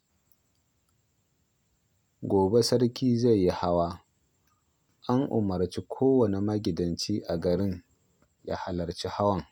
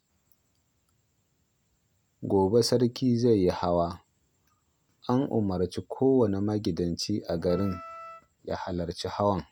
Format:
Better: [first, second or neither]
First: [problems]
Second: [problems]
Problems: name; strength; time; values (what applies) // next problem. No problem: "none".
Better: first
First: none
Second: background sound (Wind instrument, woodwind instrument); 17 dB below the speech